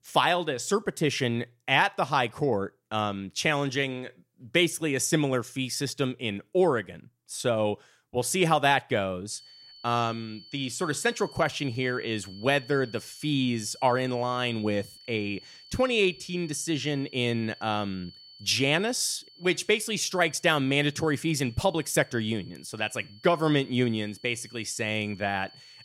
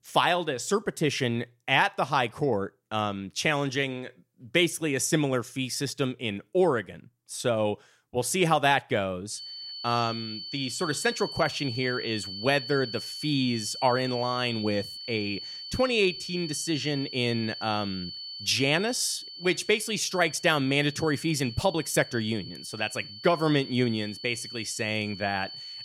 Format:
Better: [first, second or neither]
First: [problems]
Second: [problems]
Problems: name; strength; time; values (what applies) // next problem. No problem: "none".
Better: first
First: high-pitched whine; faint; from 9.5 s on; 4.5 kHz, 20 dB below the speech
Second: high-pitched whine; loud; from 9.5 s on; 4.5 kHz, 10 dB below the speech